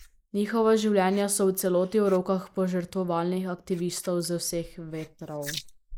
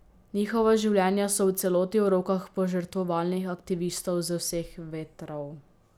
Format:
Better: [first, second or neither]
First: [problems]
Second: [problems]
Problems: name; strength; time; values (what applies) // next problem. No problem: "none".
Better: second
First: noise reduction (neural mask model Resemble Enhance denoiser)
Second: none